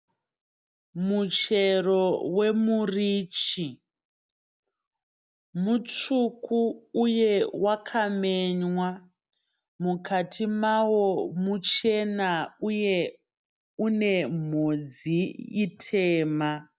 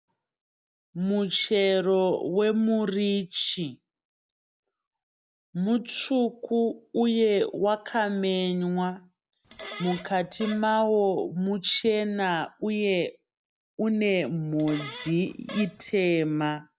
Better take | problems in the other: first | background sound (Fart); 15 dB below the speech

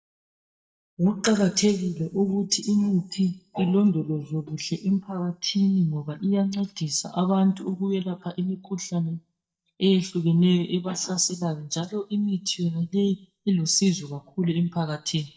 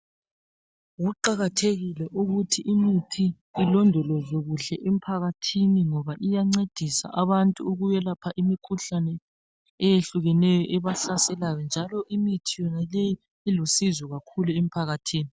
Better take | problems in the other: second | noise reduction (neural mask model DeepFilterNet 3)

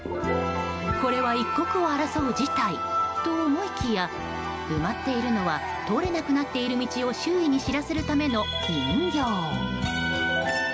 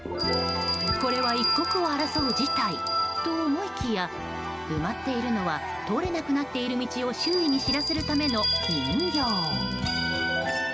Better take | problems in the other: first | background sound (Bell); 4 dB below the speech

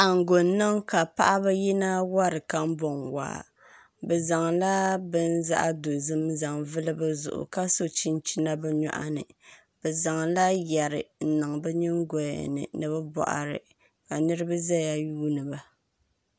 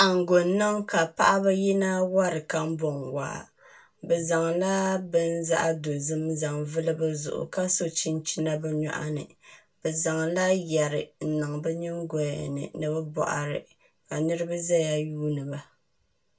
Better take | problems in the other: first | room echo; dies away in 0.2 s

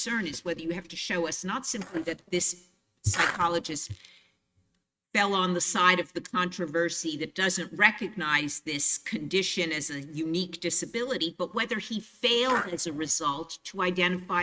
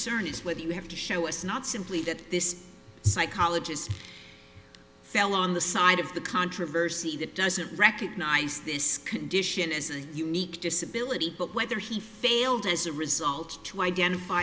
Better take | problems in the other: second | noise reduction (neural mask model RNNoise)

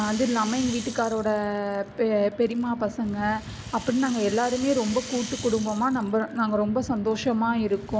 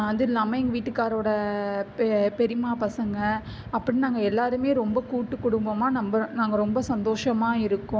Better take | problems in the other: second | background sound (Rattle); 17 dB below the speech

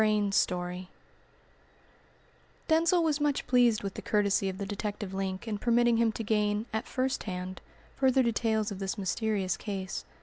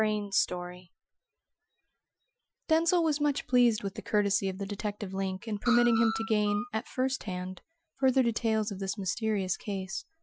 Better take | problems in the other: first | noise reduction (classical method Wiener filter)

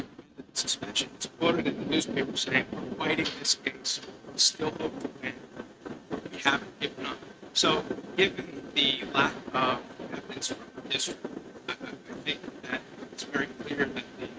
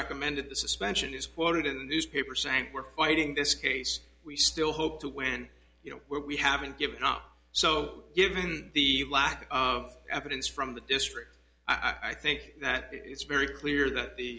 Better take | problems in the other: second | noise reduction (neural mask model RNNoise)

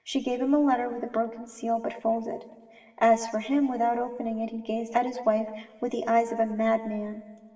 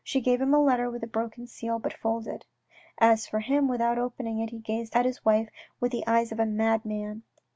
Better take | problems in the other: second | room echo; dies away in 1.9 s

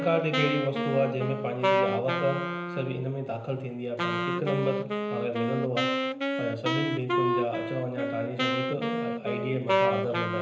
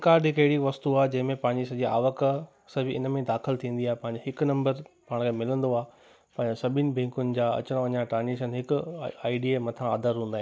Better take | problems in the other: second | background sound (Wind instrument, woodwind instrument); 1 dB above the speech // room echo; dies away in 0.9 s

